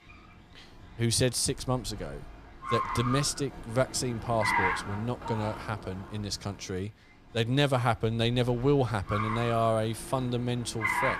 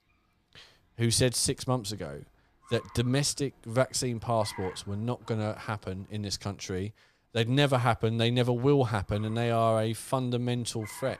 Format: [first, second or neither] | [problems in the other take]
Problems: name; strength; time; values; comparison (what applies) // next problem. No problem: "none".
second | traffic noise; loud; throughout; 4 dB below the speech; faint in the second